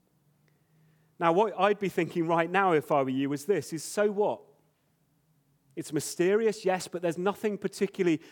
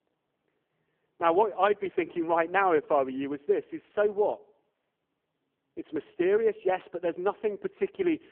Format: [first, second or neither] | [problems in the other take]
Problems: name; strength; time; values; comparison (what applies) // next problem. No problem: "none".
first | phone-call audio; poor line